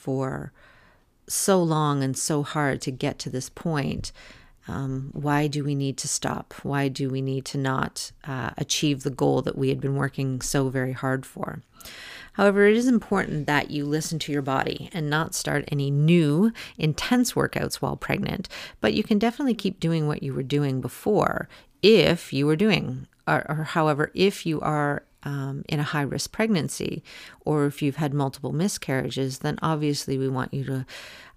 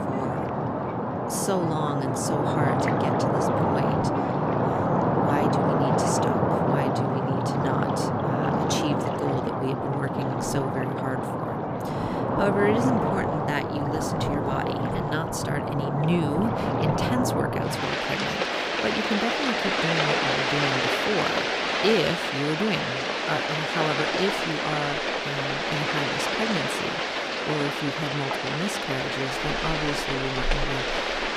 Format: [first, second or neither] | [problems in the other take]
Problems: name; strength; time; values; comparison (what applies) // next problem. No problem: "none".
first | rain or running water; very loud; throughout; 5 dB above the speech